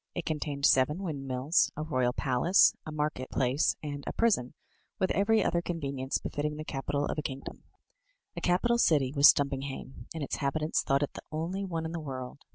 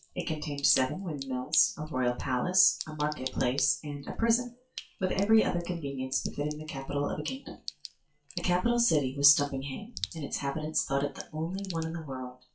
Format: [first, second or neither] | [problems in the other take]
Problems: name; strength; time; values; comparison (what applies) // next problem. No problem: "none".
first | noise reduction (classical method WPE with log-MMSE)